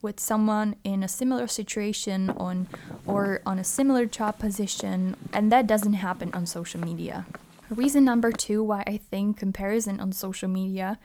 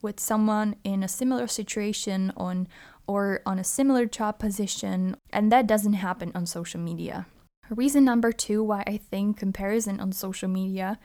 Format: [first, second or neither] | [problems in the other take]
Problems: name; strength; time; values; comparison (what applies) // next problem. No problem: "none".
second | footsteps; noticeable; from 2.5 to 8.5 s; peak 9 dB below the speech